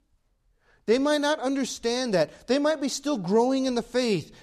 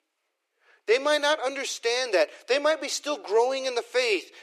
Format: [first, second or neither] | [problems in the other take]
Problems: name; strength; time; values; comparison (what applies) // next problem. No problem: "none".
first | thin; very; fading below 350 Hz